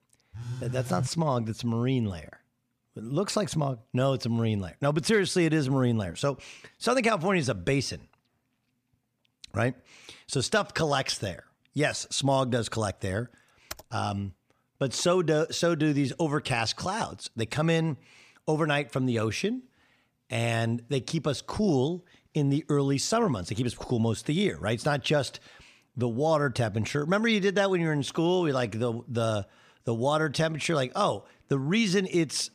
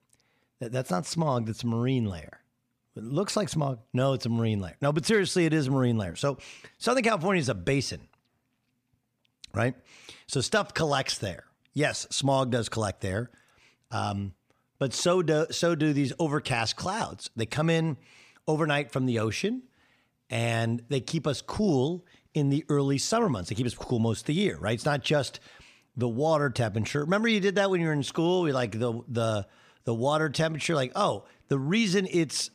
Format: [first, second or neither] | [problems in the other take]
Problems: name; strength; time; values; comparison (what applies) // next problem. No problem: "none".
second | phone ringing; noticeable; at 0.5 s; peak 6 dB below the speech // keyboard typing; faint; at 14 s; peak 15 dB below the speech